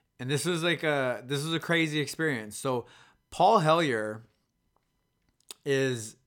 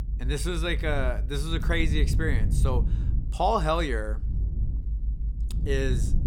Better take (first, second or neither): first